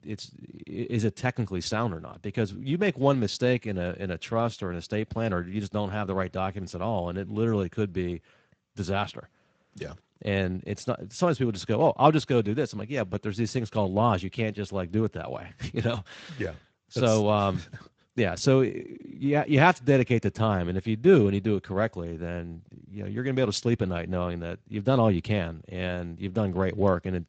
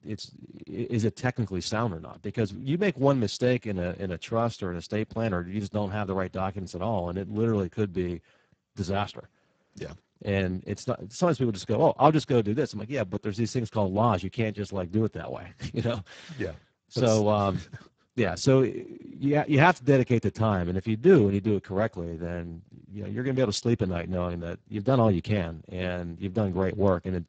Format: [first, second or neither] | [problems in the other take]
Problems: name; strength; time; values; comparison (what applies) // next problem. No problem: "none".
first | garbled, watery; badly; nothing above 7.5 kHz; slightly in the first